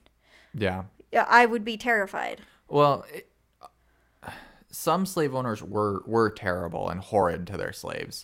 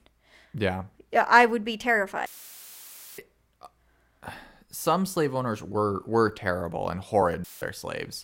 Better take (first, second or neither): first